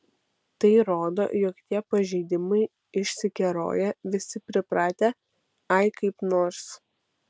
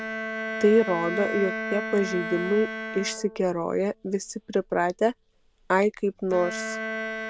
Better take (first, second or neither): first